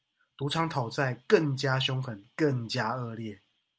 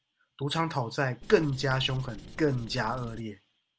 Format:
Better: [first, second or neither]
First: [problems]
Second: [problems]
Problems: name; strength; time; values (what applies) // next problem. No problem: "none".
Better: first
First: none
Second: background sound (Writing); 14 dB below the speech